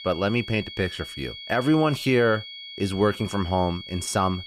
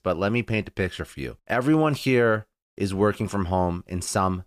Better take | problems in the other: second | high-pitched whine; noticeable; throughout; 3.5 kHz, 10 dB below the speech

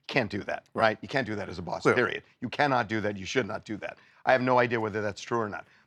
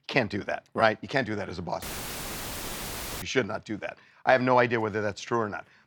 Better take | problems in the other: first | audio cutting out; filled with static; at 2 s for 1.5 s

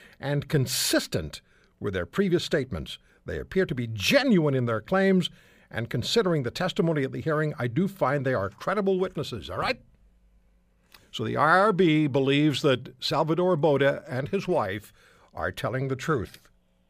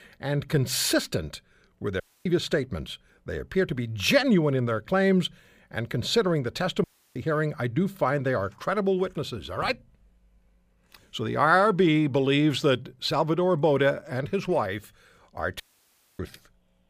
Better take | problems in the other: first | audio cutting out; at 2 s, at 7 s and at 16 s for 0.5 s

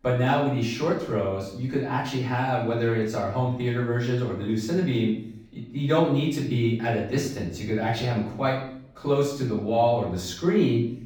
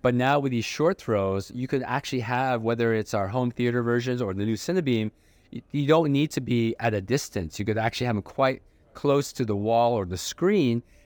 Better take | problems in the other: second | room echo; noticeable; dies away in 0.6 s // off-mic speech; far

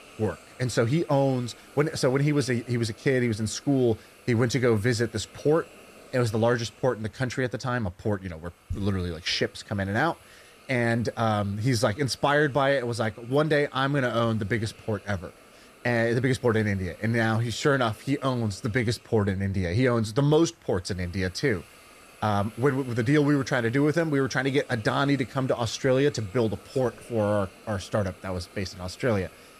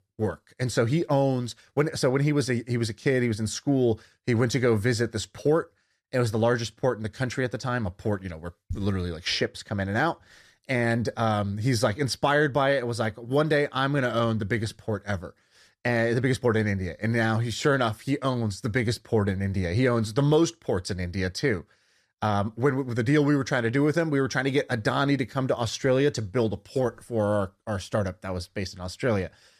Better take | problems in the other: second | hiss; faint; throughout; 25 dB below the speech

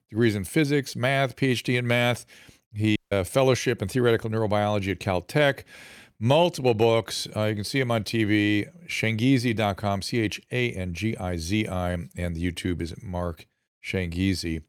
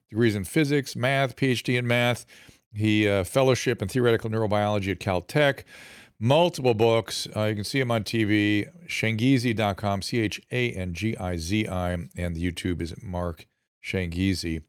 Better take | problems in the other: second | audio cutting out; at 3 s

